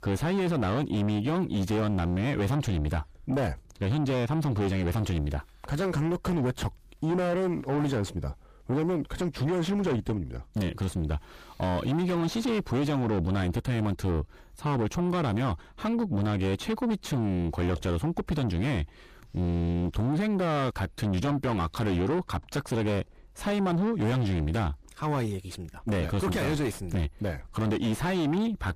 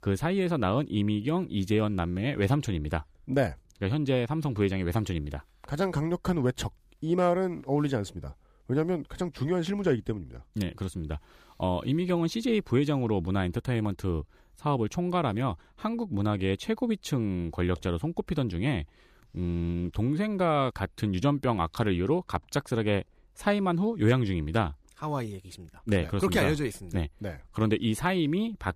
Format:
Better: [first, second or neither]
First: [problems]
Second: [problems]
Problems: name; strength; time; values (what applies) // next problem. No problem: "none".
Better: second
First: distortion; heavy; 6 dB below the speech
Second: none